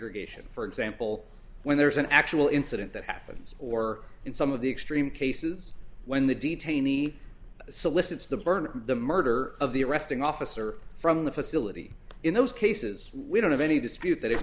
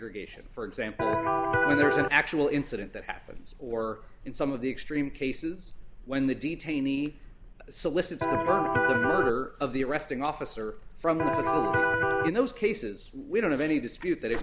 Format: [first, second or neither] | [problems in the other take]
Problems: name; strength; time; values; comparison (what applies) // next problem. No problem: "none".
first | background sound (Electric guitar); 4 dB above the speech